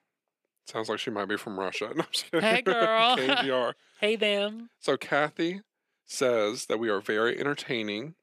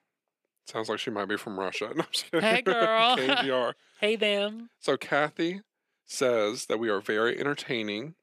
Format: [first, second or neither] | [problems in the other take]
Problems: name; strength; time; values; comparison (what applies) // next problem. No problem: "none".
neither | thin; somewhat; fading below 300 Hz; the same in both